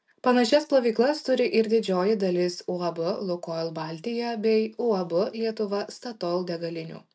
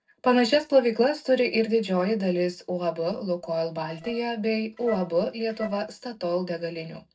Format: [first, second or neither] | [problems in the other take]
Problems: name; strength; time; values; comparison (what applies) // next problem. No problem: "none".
first | noise reduction (neural separator model SepFormer DNS4)